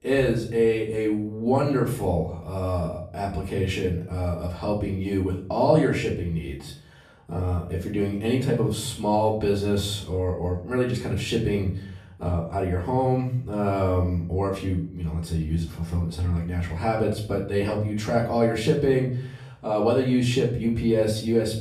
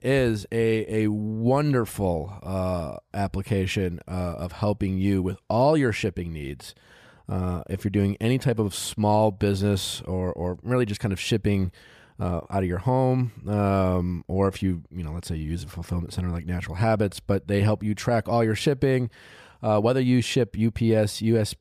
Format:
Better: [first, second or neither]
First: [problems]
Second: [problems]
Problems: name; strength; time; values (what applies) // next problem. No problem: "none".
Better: second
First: room echo; slight; dies away in 0.5 s // off-mic speech; far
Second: none